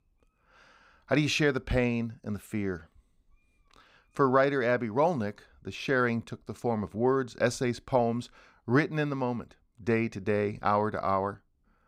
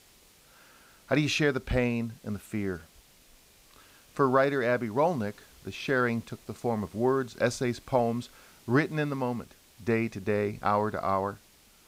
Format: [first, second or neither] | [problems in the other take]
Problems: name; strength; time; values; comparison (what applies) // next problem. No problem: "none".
first | hiss; faint; throughout; 25 dB below the speech